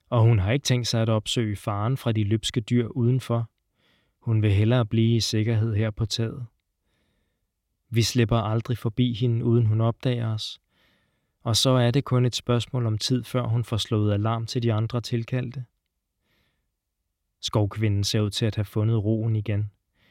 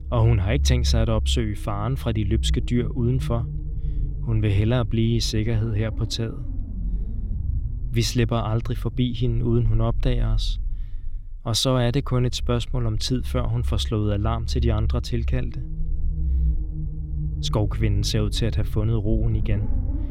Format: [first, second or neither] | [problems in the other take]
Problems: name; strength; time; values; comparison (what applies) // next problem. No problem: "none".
first | low rumble; noticeable; throughout; 15 dB below the speech